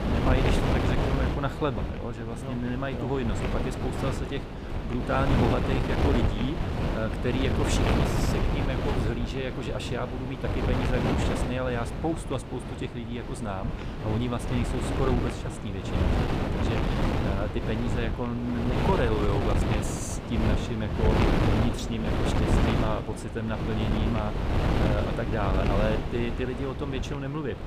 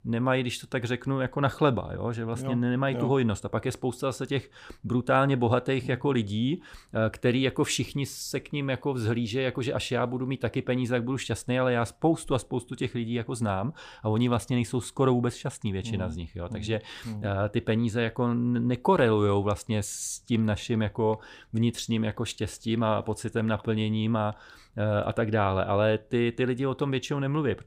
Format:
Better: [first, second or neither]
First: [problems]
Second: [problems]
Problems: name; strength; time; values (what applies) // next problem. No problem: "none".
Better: second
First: wind noise on the microphone; heavy; 1 dB above the speech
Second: none